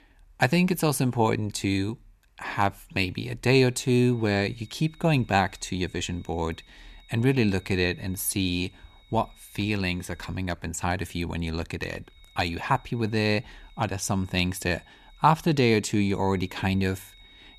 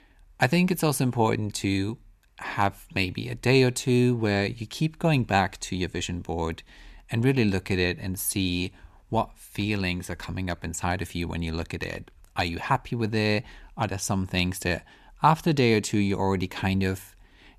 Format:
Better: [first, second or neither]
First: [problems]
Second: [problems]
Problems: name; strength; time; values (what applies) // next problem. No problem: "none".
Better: second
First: high-pitched whine; faint; from 4 to 10 s and from 12 s on; 4 kHz, 30 dB below the speech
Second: none